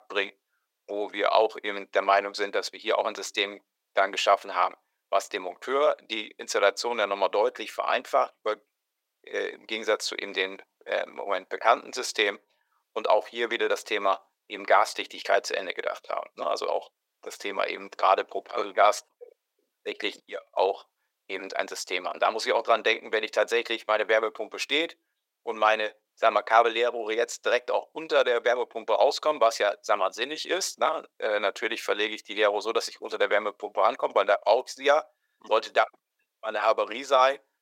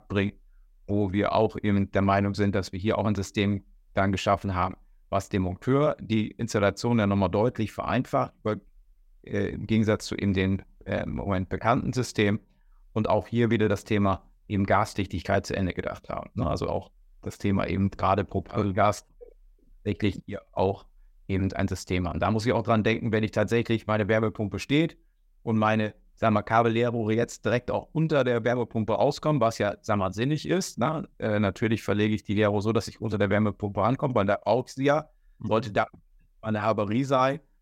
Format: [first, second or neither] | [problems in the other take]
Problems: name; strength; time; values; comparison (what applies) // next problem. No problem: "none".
second | thin; very; fading below 450 Hz